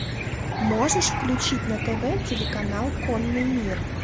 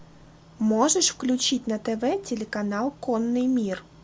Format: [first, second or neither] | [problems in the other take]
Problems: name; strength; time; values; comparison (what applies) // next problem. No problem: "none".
second | background sound (Cricket / Chicken, rooster); 1 dB below the speech